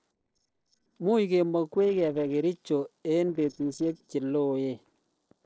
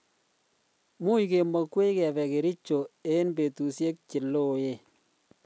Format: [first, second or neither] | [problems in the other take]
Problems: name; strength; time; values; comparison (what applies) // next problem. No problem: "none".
second | noise reduction (neural separator model SepFormer DNS4)